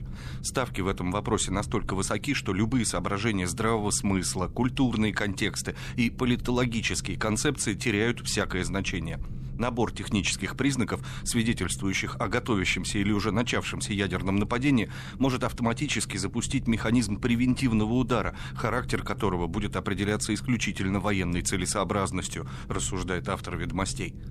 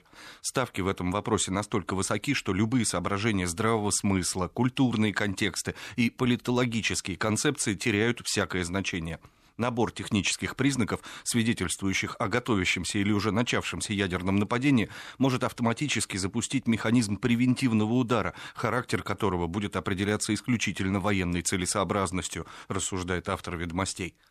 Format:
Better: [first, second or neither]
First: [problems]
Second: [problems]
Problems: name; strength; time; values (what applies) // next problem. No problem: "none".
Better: second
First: low rumble; faint; throughout; 20 dB below the speech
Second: none